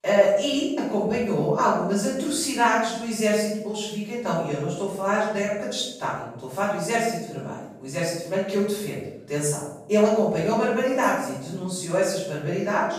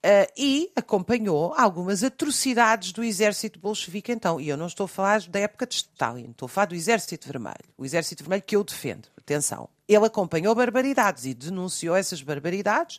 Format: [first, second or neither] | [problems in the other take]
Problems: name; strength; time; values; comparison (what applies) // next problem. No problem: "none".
second | off-mic speech; far // room echo; noticeable; dies away in 0.7 s